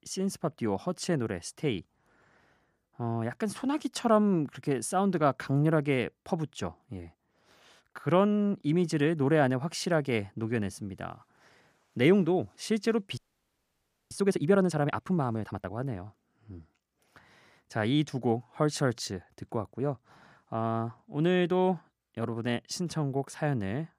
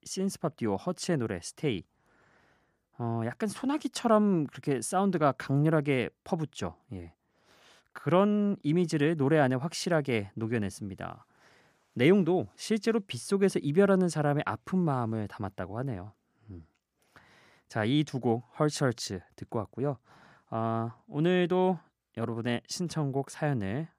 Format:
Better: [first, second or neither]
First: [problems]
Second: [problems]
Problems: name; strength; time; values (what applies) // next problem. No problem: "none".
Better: second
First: audio freezing; at 13 s for 1 s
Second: none